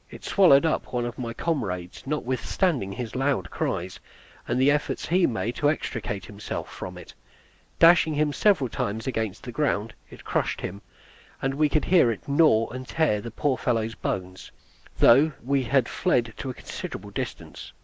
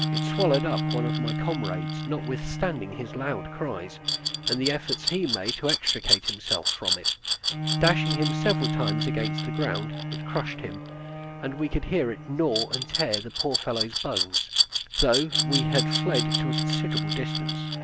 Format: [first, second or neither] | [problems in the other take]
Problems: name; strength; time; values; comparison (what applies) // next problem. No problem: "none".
first | background sound (Glass + Bowed string instrument); 2 dB above the speech